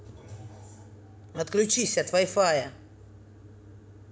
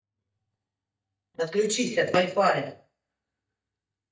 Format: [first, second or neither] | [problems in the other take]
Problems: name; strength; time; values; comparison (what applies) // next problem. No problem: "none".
first | noise reduction (neural mask model DeepFilterNet 3)